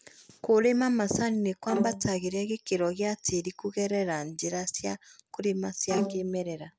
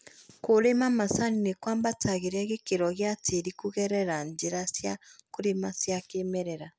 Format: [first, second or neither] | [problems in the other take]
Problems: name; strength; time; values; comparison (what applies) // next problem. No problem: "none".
second | background sound (Bowed string instrument); 5 dB below the speech